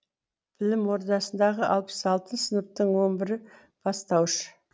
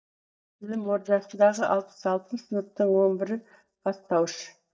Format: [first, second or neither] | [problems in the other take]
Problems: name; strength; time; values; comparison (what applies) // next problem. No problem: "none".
first | noise reduction (neural mask model DeepFilterNet 3)